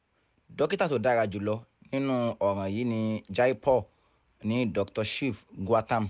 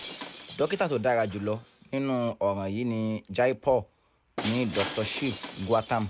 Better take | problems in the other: first | background sound (Shatter); 13 dB below the speech

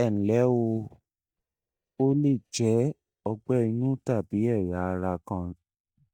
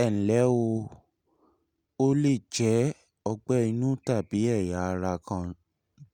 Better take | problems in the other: second | noise reduction (neural mask model DeepFilterNet 3)

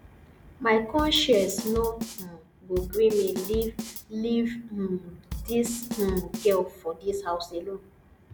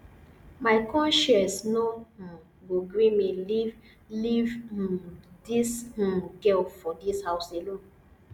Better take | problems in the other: second | background sound (Bass drum / Snare drum / Drum kit); 9 dB below the speech

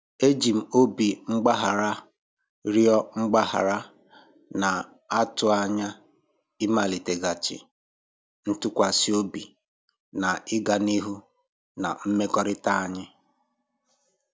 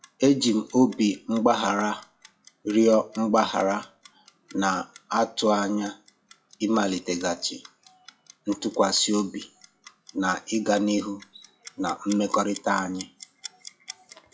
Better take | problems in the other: first | noise reduction (classical method WPE with log-MMSE)

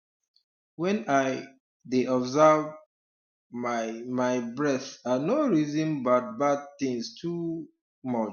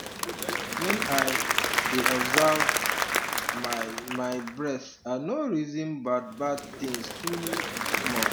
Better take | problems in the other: first | background sound (Applause / Crowd); 2 dB above the speech

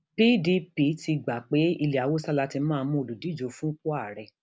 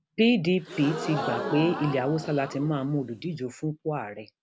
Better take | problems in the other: first | background sound (Crowd / Gasp); 8 dB below the speech

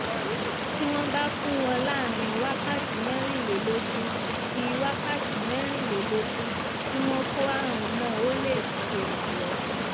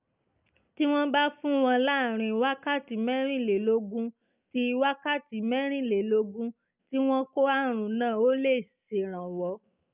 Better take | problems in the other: second | background sound (Stream); 1 dB above the speech

